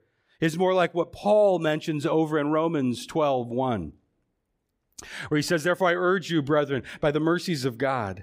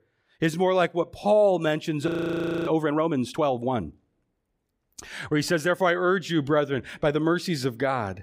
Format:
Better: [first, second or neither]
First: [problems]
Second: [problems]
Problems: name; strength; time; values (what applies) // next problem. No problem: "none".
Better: first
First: none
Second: audio freezing; at 2 s for 0.5 s